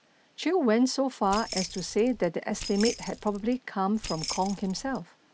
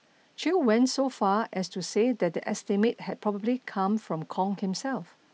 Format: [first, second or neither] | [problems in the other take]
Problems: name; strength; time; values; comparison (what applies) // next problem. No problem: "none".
second | background sound (Keys jangling); 11 dB below the speech